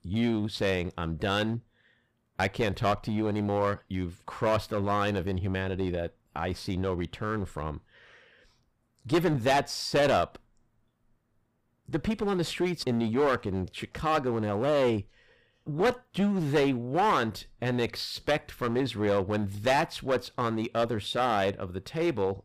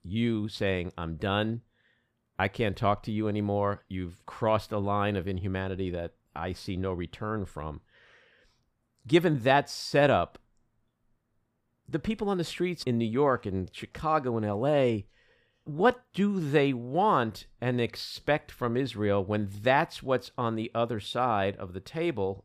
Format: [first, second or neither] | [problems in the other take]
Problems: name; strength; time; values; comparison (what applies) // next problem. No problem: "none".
second | distortion; heavy; 8% of the sound clipped